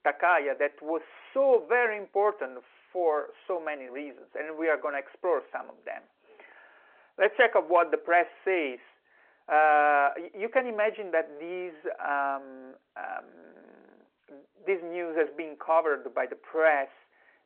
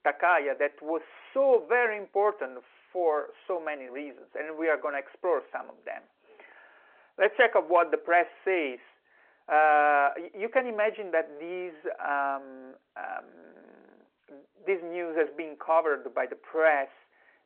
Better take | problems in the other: neither | phone-call audio; the same in both

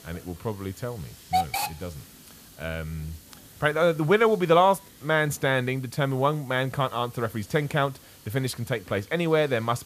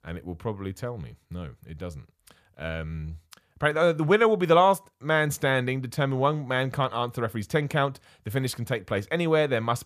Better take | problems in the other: second | hiss; noticeable; throughout; 10 dB below the speech

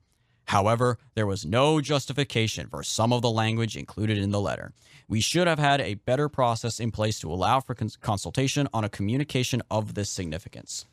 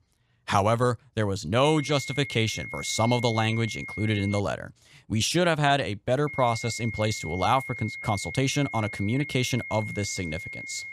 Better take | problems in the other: first | high-pitched whine; loud; from 1.5 to 4.5 s and from 6.5 s on; 2 kHz, 9 dB below the speech

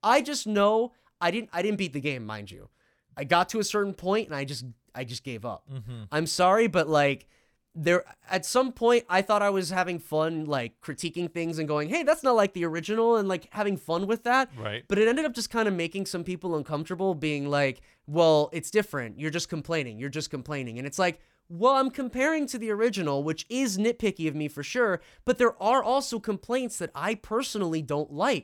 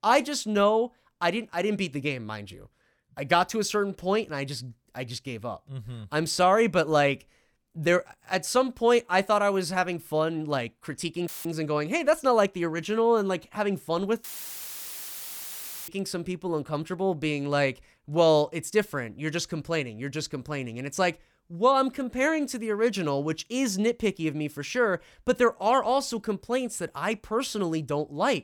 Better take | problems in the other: first | audio cutting out; filled with static; at 11 s and at 14 s for 1.5 s

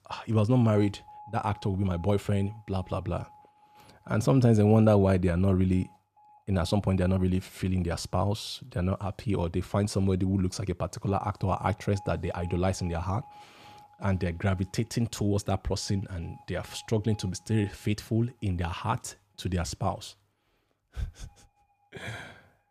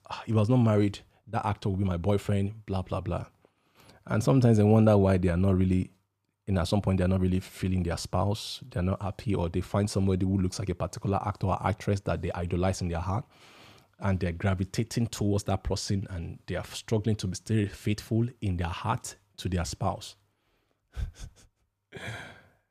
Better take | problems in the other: second | alarms or sirens; faint; throughout; 25 dB below the speech

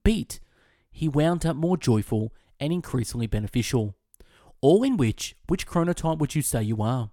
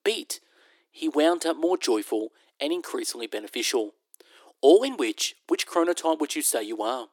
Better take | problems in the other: first | thin; very; fading below 300 Hz

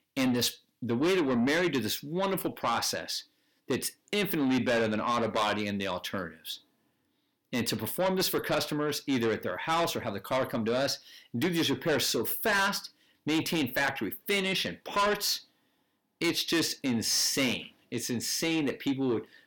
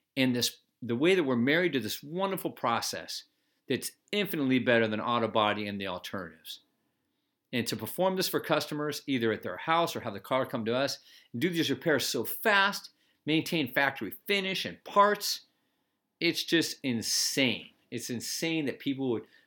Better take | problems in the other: second | distortion; heavy; 7 dB below the speech

